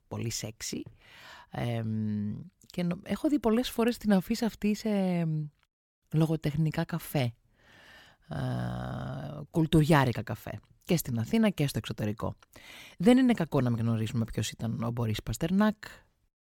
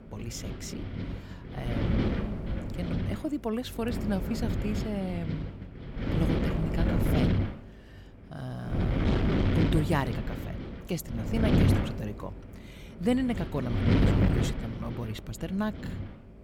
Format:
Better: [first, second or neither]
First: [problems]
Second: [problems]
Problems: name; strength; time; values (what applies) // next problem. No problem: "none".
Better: first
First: none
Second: wind noise on the microphone; heavy; 1 dB above the speech